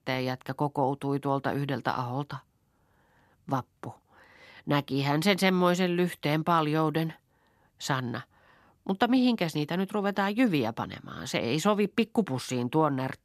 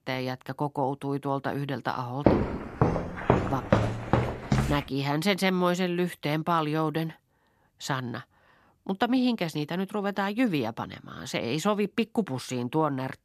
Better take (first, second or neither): first